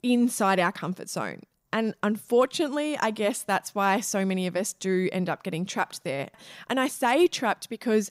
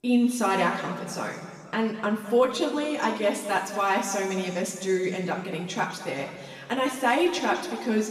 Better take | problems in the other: first | room echo; noticeable; dies away in 1.8 s // off-mic speech; far

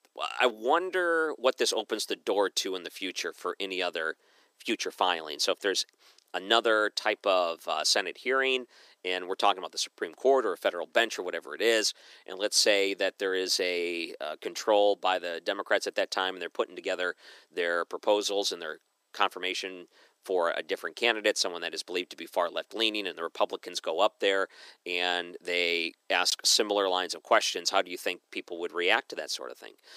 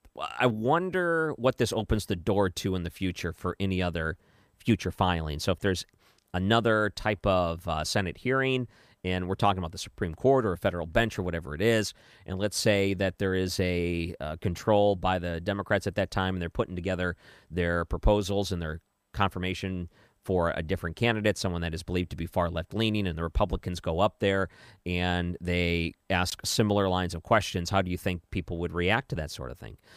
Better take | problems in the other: second | thin; very; fading below 300 Hz

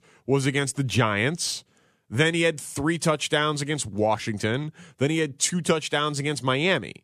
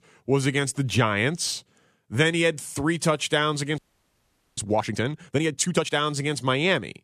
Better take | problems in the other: first | audio freezing; at 4 s for 1 s

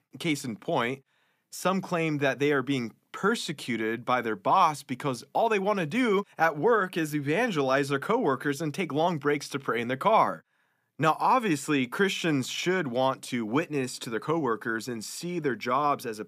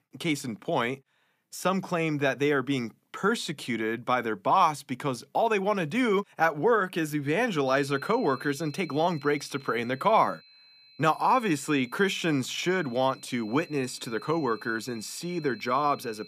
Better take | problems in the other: first | high-pitched whine; faint; from 7.5 s on; 4 kHz, 25 dB below the speech

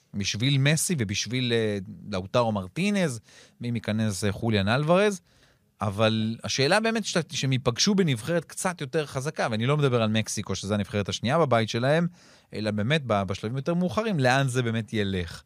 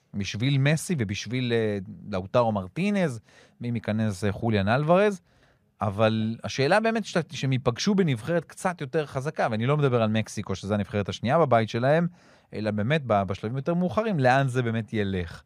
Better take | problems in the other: first | muffled; slightly; fading above 3 kHz

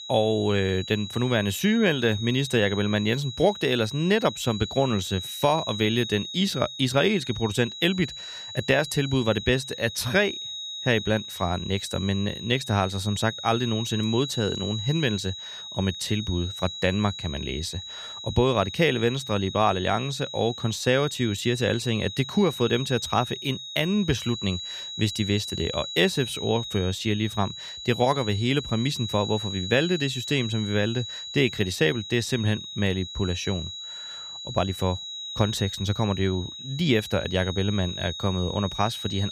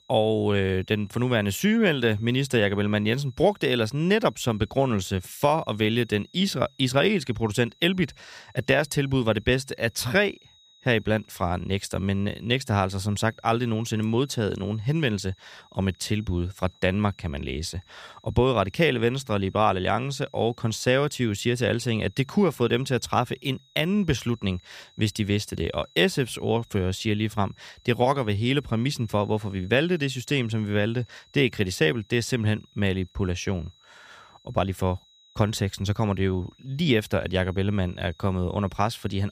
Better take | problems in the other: second | high-pitched whine; loud; throughout; 4 kHz, 8 dB below the speech; faint in the second

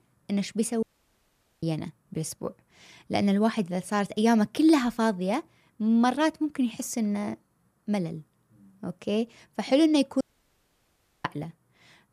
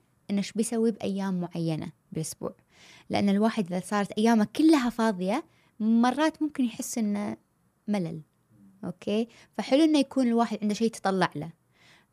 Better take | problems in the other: second | audio cutting out; at 1 s for 1 s and at 10 s for 1 s

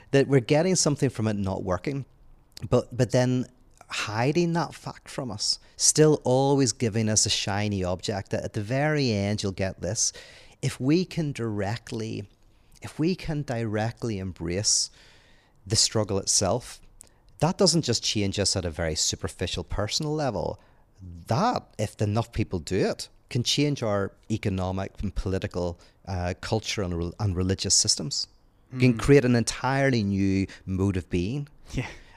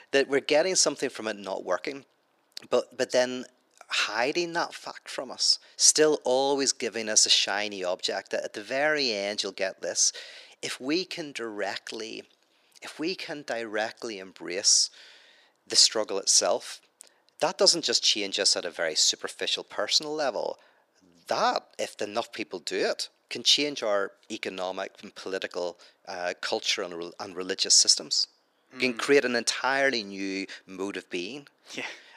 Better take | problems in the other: first | thin; somewhat; fading below 300 Hz

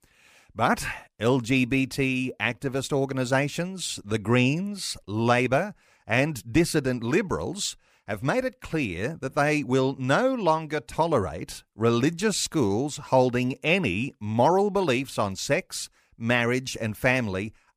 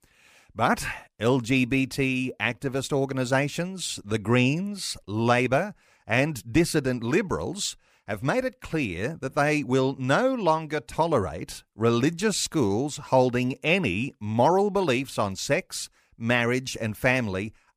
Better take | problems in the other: neither | none

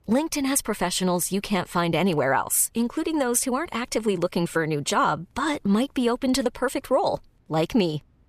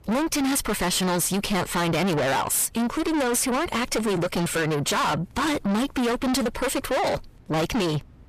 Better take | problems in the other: first | distortion; heavy; 5 dB below the speech

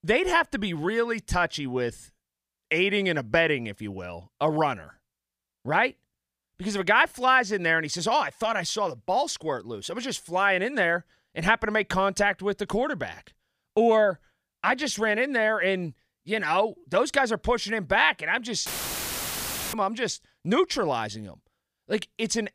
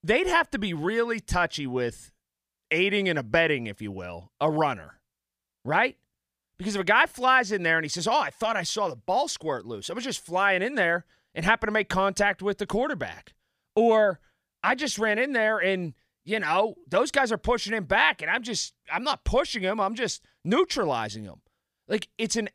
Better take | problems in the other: second | audio cutting out; filled with static; at 19 s for 1 s

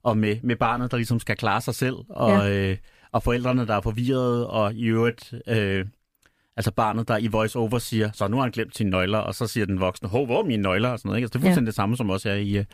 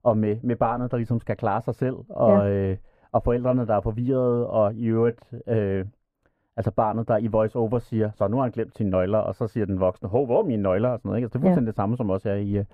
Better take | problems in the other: first | muffled; very; fading above 2 kHz

